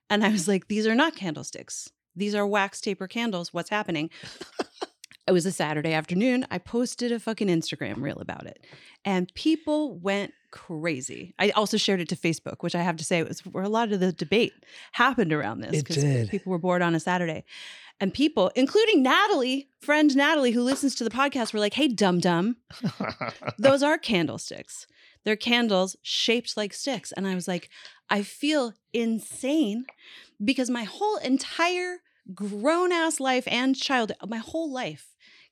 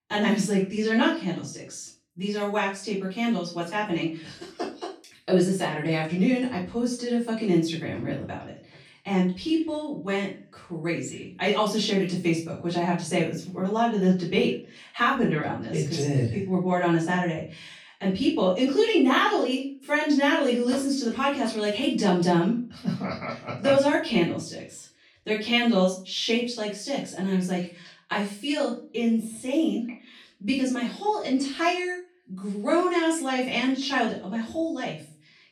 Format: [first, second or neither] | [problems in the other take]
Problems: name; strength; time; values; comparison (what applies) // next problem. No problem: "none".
first | off-mic speech; far // room echo; slight; dies away in 0.3 s